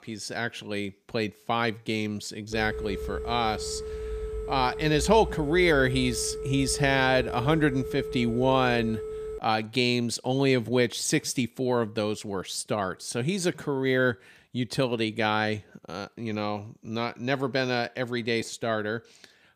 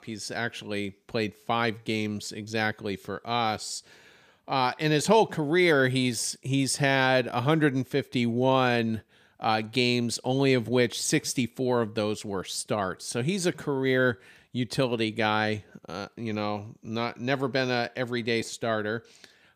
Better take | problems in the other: second | phone ringing; noticeable; from 2.5 to 9.5 s; peak 7 dB below the speech

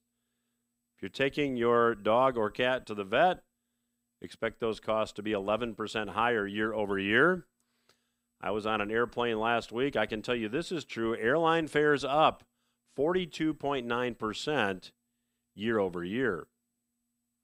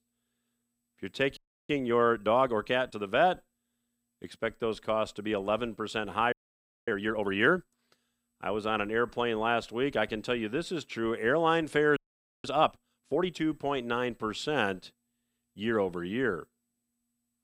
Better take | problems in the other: first | audio freezing; at 1.5 s, at 6.5 s for 0.5 s and at 12 s

